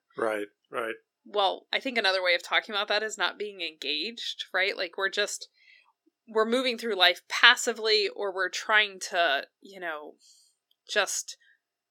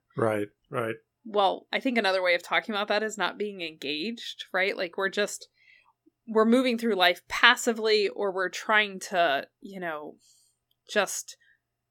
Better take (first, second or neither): second